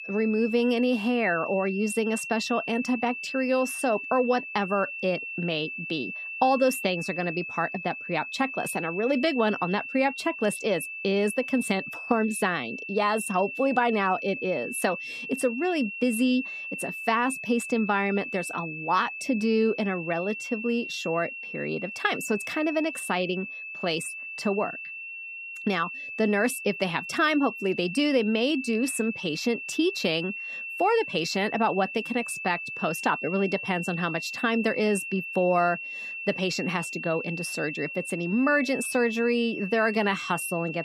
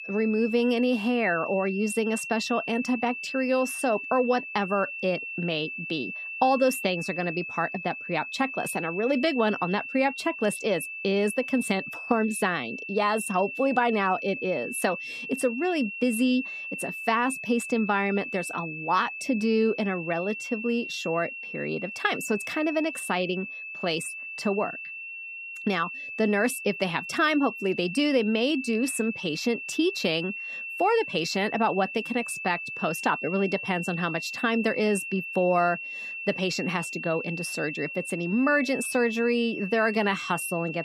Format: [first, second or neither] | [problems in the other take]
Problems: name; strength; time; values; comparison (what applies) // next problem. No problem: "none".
neither | high-pitched whine; loud; throughout; 2.5 kHz, 7 dB below the speech; the same in both